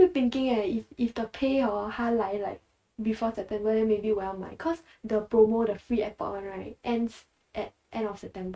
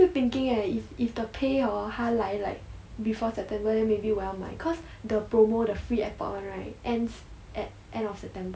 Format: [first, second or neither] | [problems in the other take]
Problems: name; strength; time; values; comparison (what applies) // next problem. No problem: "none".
second | noise reduction (neural mask model RNNoise)